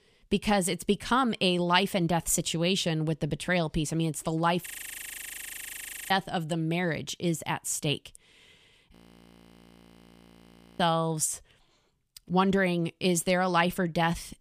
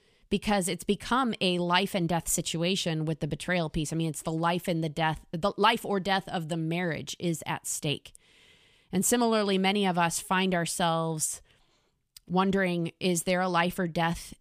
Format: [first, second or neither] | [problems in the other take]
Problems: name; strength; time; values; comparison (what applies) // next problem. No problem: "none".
second | audio freezing; at 4.5 s for 1.5 s and at 9 s for 2 s